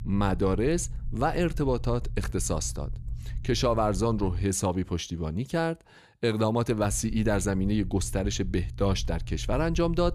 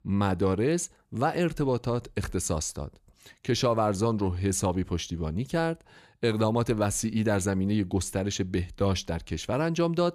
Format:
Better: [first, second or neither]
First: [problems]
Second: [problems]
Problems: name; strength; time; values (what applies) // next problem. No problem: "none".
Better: second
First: low rumble; faint; until 4.5 s and from 7 s on; 25 dB below the speech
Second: none